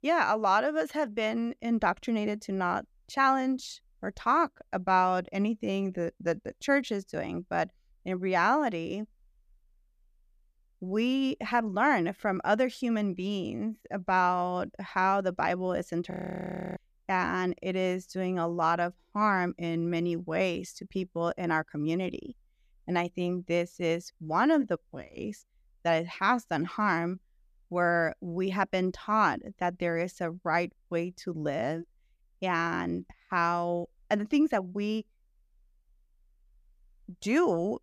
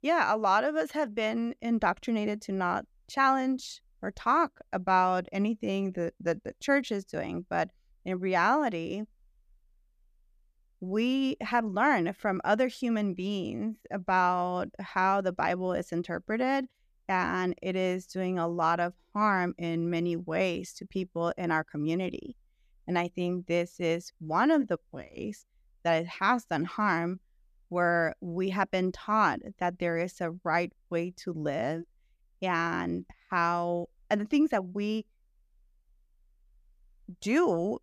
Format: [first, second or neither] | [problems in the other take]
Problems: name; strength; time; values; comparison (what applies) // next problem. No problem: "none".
second | audio freezing; at 16 s for 0.5 s